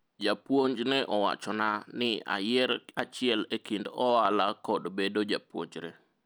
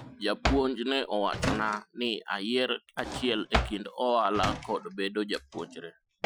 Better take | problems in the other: first | noise reduction (classical method Wiener filter)

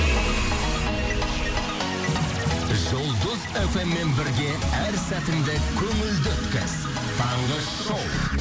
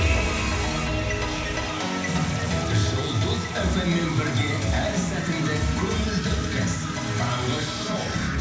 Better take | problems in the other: first | background sound (Wind instrument, woodwind instrument); 18 dB below the speech // room echo; dies away in 0.9 s

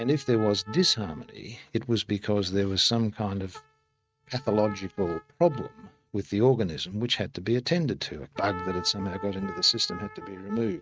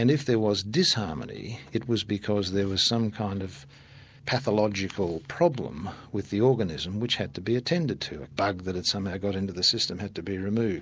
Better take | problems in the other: second | noise reduction (neural mask model RNNoise)

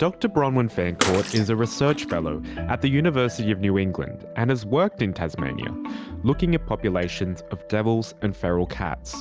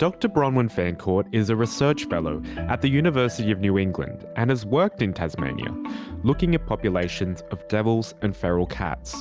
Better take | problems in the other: second | background sound (Bathtub (filling or washing) / Water / Splash, splatter); 8 dB below the speech

